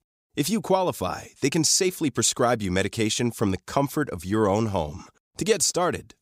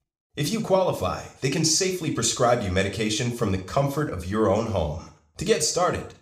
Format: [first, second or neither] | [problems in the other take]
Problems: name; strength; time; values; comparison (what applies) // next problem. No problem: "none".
first | room echo; slight; dies away in 0.4 s